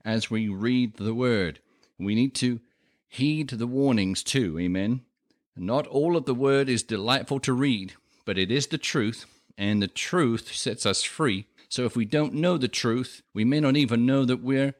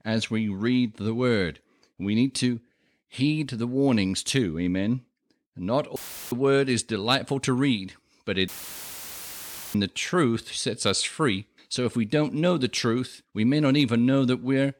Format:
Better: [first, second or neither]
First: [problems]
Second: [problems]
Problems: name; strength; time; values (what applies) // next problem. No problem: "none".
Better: first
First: none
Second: audio cutting out; filled with static; at 6 s and at 8.5 s for 1.5 s